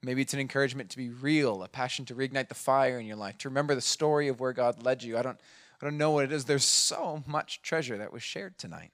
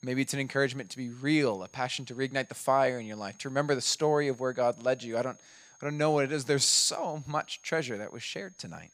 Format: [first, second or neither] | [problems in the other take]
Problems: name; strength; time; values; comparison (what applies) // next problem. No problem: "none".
first | high-pitched whine; faint; throughout; 6.5 kHz, 30 dB below the speech